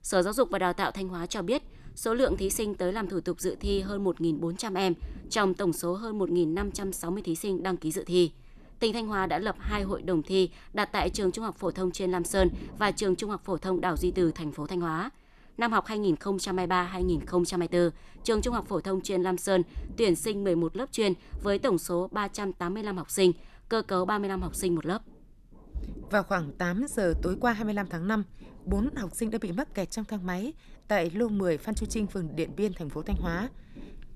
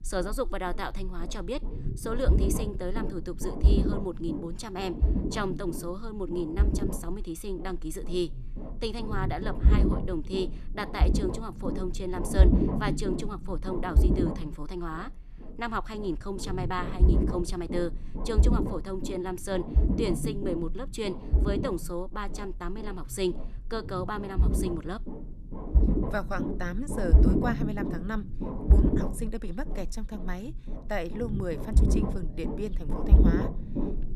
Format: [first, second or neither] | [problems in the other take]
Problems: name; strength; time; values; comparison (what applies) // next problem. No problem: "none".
first | low rumble; loud; throughout; 3 dB below the speech; faint in the first